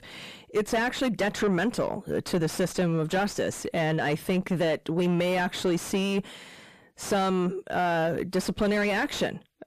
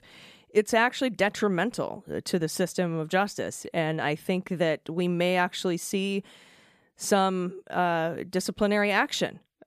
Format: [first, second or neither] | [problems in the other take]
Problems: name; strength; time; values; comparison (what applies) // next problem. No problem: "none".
second | distortion; heavy; 5 dB below the speech